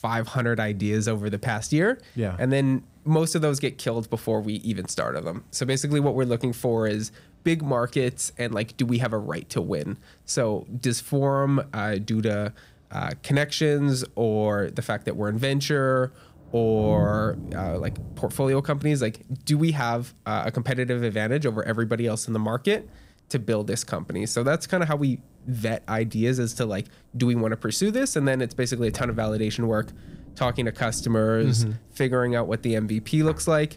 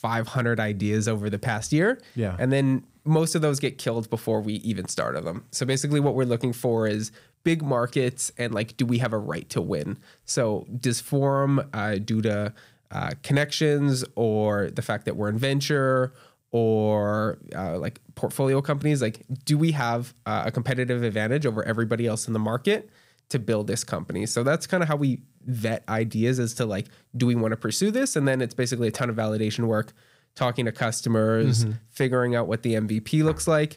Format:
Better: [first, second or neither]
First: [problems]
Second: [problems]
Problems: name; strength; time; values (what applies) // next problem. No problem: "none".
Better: second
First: rain or running water; noticeable; throughout; 15 dB below the speech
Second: none